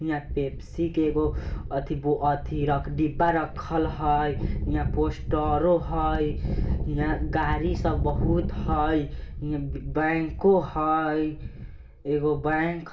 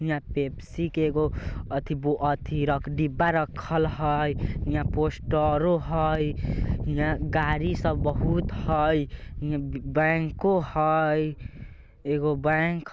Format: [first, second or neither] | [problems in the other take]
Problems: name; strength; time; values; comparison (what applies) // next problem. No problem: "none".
second | room echo; dies away in 0.3 s